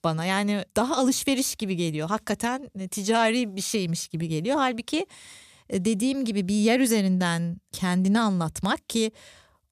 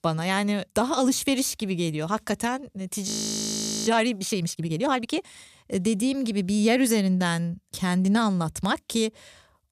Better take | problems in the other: first | audio freezing; at 3 s for 1 s

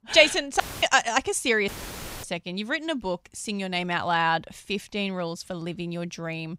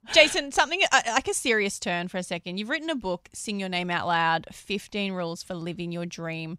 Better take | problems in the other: second | audio cutting out; filled with static; at 0.5 s and at 1.5 s for 0.5 s

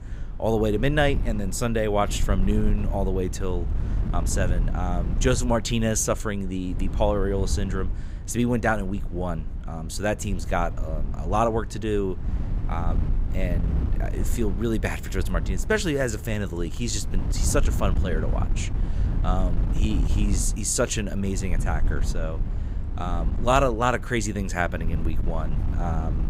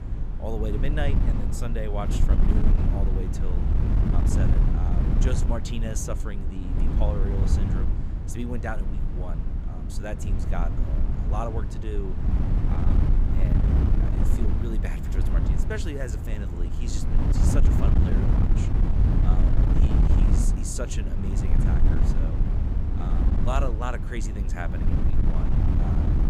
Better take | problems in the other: first | wind noise on the microphone; heavy; as loud as the speech; occasional gusts in the first

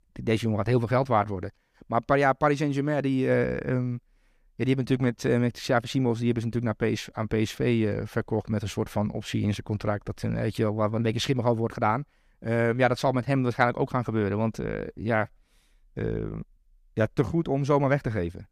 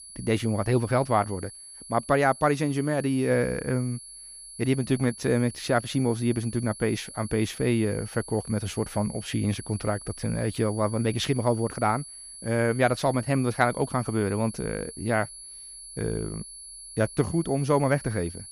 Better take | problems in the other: first | high-pitched whine; noticeable; throughout; 10.5 kHz, 15 dB below the speech

